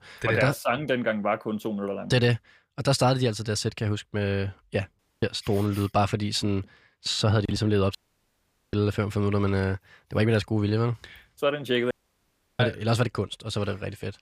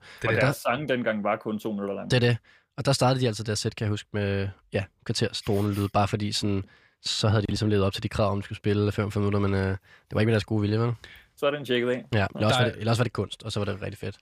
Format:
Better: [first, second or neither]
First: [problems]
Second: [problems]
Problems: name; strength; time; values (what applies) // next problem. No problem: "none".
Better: second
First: audio cutting out; at 5 s, at 8 s for 1 s and at 12 s for 0.5 s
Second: none